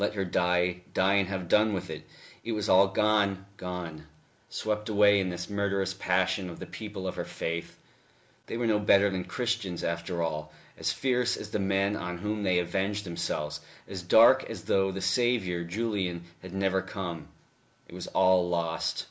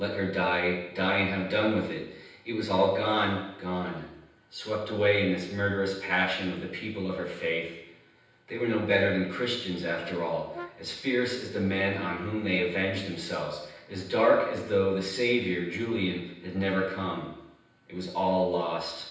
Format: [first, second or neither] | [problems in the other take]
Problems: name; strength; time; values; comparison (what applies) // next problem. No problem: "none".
first | background sound (Brass instrument); 17 dB below the speech // room echo; dies away in 0.9 s